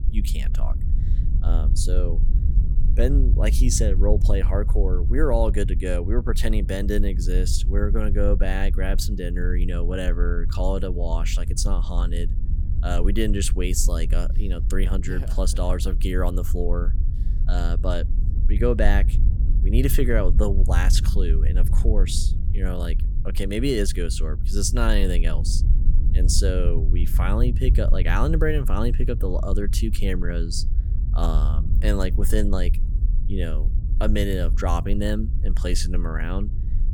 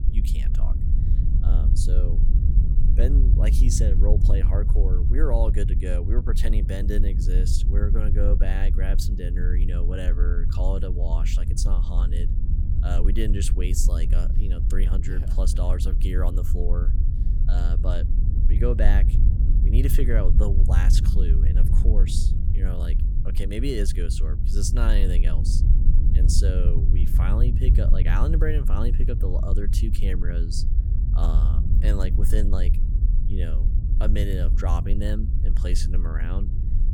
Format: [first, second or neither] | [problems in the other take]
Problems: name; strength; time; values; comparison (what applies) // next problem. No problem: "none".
first | wind noise on the microphone; heavy; 6 dB below the speech; occasional gusts in the first